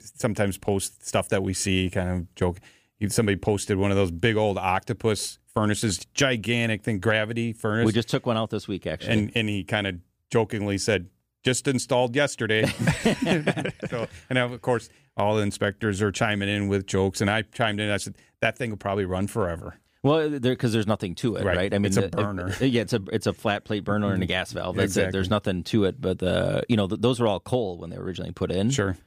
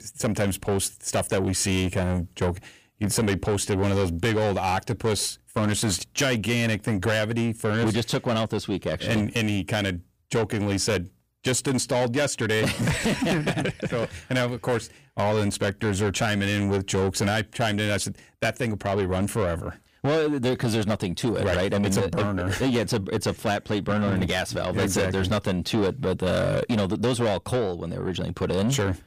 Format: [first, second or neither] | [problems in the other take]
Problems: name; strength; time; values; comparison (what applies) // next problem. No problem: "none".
first | distortion; heavy; 8 dB below the speech